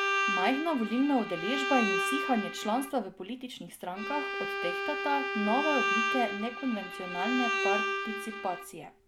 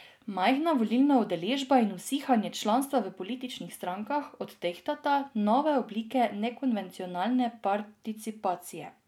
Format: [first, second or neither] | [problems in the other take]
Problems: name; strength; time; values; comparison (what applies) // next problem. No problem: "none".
second | background sound (Bowed string instrument); 1 dB below the speech